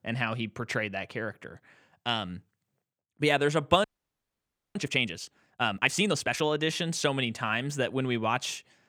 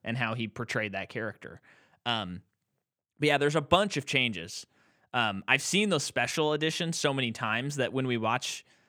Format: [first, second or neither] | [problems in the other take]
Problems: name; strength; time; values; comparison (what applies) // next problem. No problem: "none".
second | audio freezing; at 4 s for 1 s